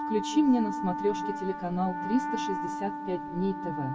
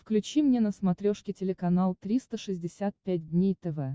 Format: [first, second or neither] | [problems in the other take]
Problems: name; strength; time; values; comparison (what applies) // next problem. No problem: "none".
second | background sound (Wind instrument, woodwind instrument); 5 dB below the speech // room echo; dies away in 1.4 s